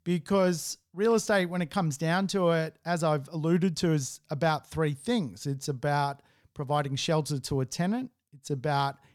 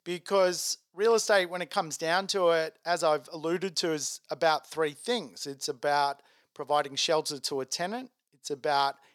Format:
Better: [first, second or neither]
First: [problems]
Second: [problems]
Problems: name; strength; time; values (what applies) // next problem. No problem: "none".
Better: first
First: none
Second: thin; very; fading below 500 Hz